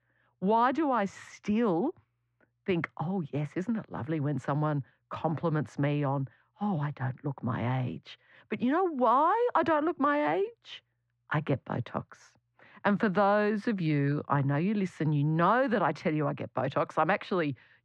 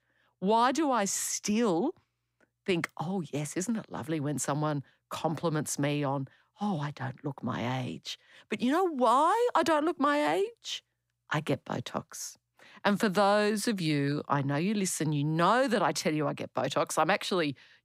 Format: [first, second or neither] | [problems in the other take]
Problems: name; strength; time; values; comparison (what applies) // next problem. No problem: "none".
second | muffled; very; fading above 2 kHz